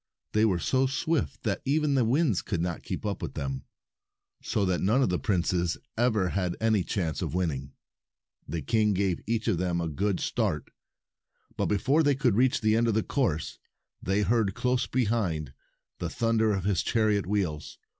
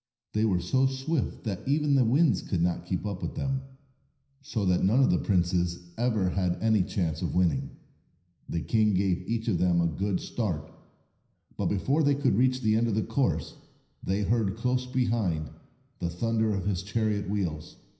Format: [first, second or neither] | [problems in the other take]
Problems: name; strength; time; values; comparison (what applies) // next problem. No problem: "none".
first | room echo; dies away in 0.9 s